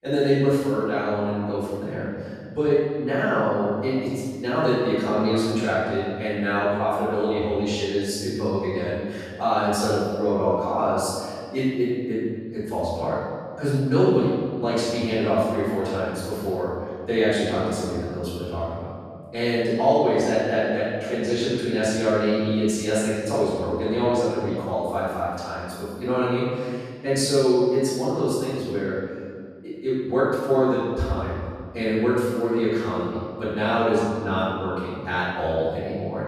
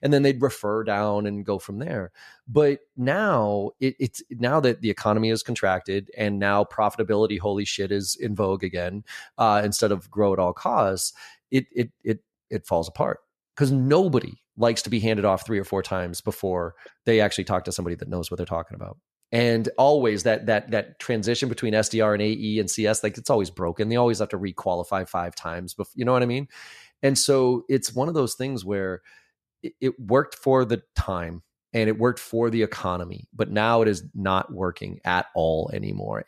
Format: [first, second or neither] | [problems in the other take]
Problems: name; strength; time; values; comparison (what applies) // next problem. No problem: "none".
second | room echo; strong; dies away in 1.8 s // off-mic speech; far